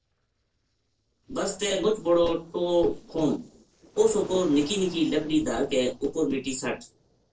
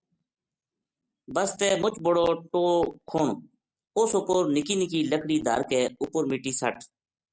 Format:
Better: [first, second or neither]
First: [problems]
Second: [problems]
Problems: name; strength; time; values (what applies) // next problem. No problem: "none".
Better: second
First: noise reduction (neural separator model SepFormer DNS4)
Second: none